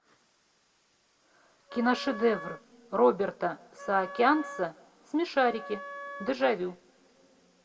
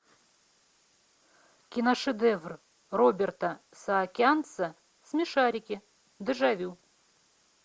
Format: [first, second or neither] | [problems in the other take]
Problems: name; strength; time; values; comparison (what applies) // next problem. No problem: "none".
second | background sound (Wind instrument, woodwind instrument); 13 dB below the speech // room echo; dies away in 1.6 s